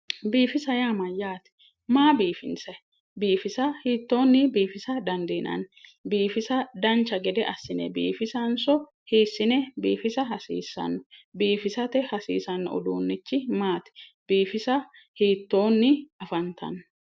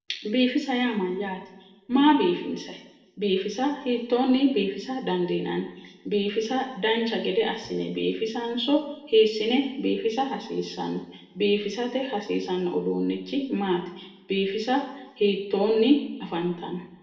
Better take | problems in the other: first | room echo; dies away in 0.9 s

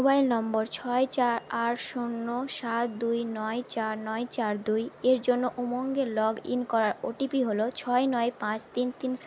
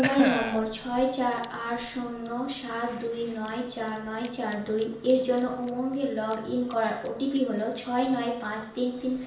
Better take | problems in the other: first | background sound (Chewing, mastication / Cough); 12 dB below the speech // room echo; dies away in 0.5 s

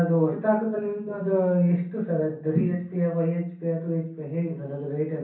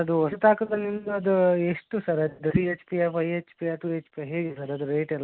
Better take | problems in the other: second | room echo; dies away in 0.6 s

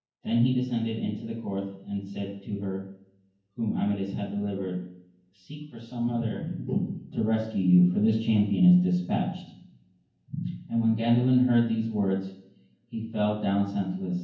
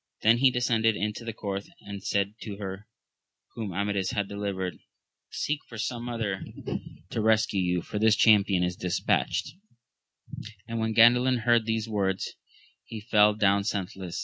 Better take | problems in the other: second | room echo; dies away in 0.9 s

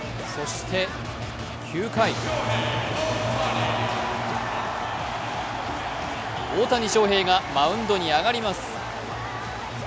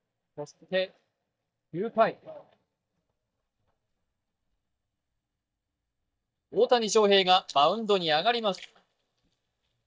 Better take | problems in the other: first | noise reduction (neural mask model DeepFilterNet 3)

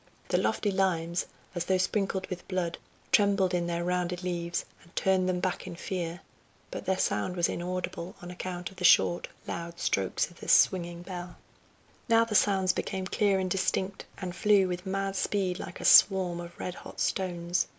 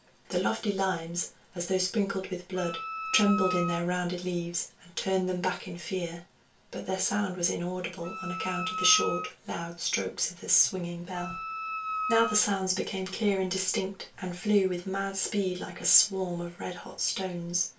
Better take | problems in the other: first | background sound (Wind instrument, woodwind instrument); 5 dB below the speech // room echo; dies away in 0.2 s

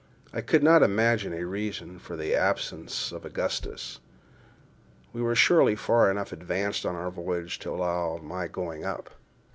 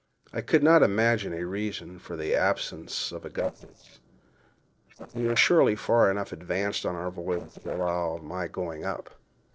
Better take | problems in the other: first | noise reduction (neural separator model SepFormer DNS4)

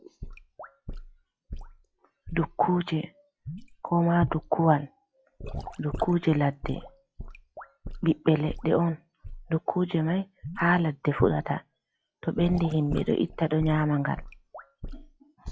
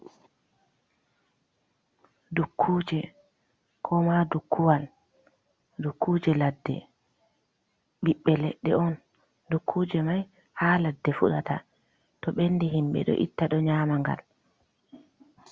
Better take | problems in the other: second | noise reduction (classical method log-MMSE)

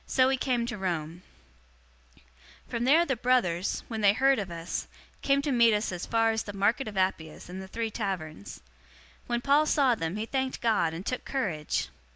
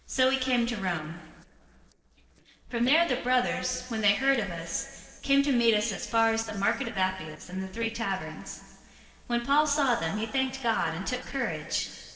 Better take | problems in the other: first | noise reduction (neural separator model SepFormer DNS4)

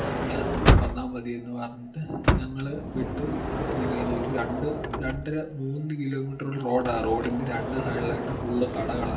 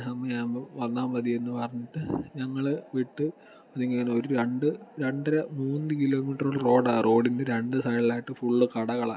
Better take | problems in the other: second | background sound (Sliding door / Motor vehicle (road)); 2 dB above the speech // room echo; dies away in 0.4 s

